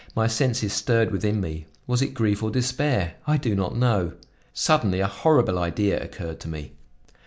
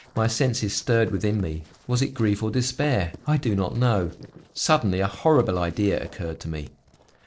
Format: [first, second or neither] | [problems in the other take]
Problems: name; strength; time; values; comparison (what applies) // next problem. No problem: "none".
first | noise reduction (neural separator model SepFormer DNS4)